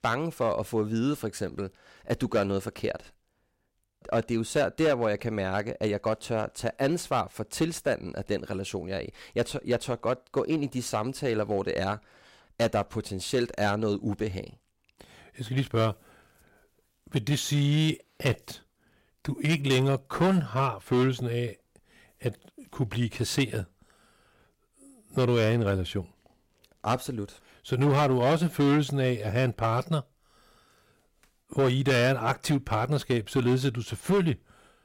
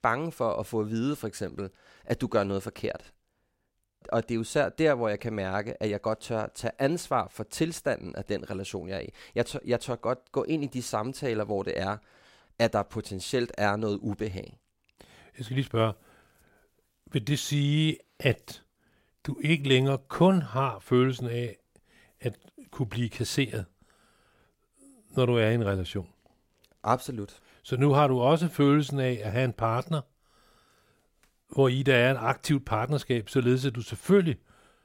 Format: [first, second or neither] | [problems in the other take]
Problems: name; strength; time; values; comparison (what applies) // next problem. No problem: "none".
second | distortion; slight; 4% of the sound clipped